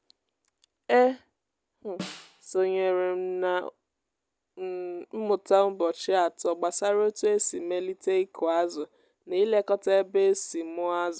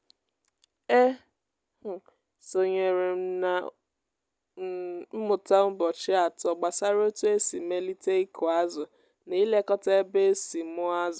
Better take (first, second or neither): second